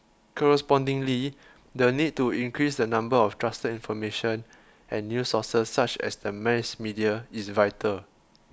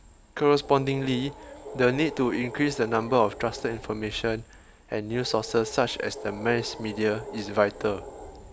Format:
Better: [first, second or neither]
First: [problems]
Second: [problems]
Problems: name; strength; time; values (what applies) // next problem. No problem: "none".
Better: first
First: none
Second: background sound (Animal); 14 dB below the speech